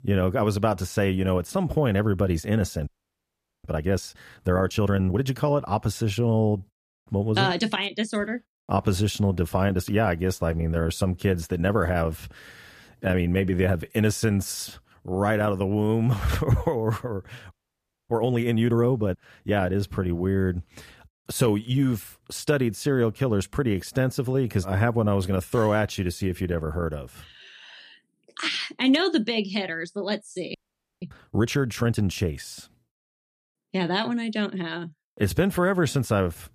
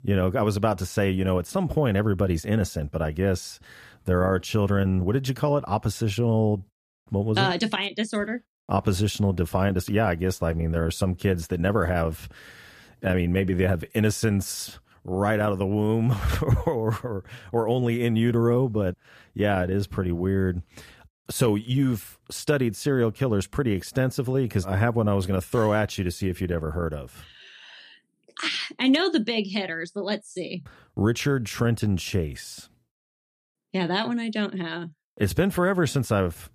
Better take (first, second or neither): second